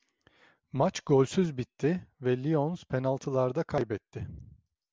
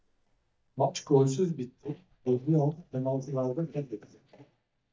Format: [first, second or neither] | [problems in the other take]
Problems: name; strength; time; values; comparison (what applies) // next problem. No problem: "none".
first | noise reduction (neural mask model DeepFilterNet 3)